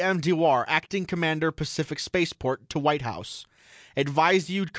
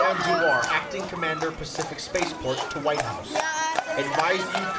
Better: first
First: none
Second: background sound (Livestock, farm animals, working animals); 1 dB above the speech // room echo; dies away in 0.6 s

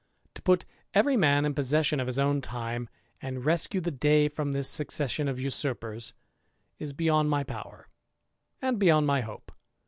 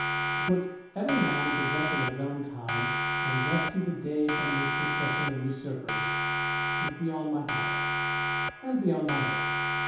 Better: first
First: none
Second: background sound (Siren); 2 dB above the speech // room echo; dies away in 0.8 s

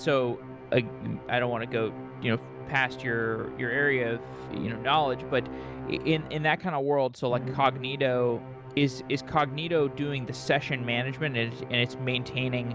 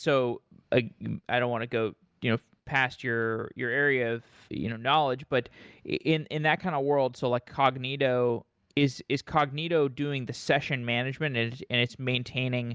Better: second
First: background sound (Musical instrument); 11 dB below the speech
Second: none

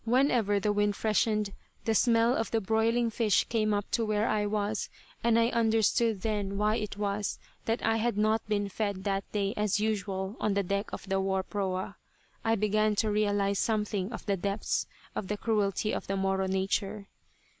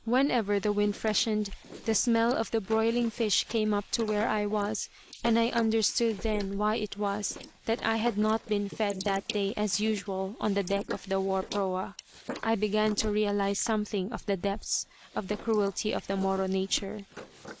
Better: first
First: none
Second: noise reduction (neural mask model Resemble Enhance denoiser)

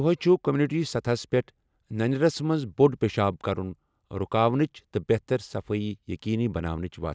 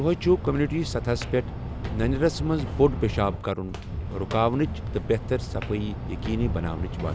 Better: first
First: none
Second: background sound (Walk, footsteps); 5 dB below the speech

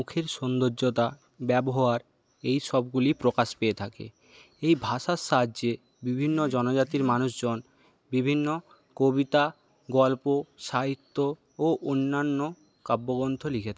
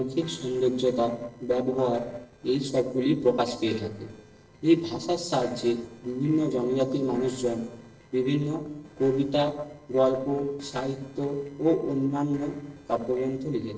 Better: first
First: none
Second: noise reduction (neural separator model SepFormer DNS4)

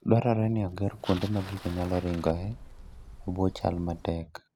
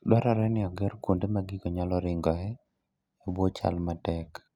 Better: second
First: background sound (Bicycle + Bird); 17 dB below the speech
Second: none

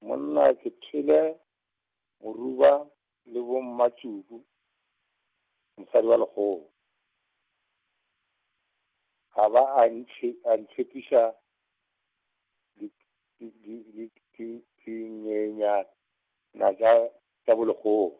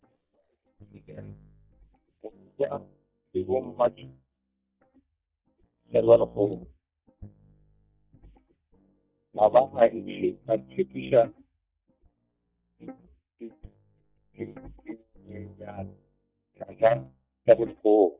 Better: first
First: none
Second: noise reduction (neural mask model DeepFilterNet 3)

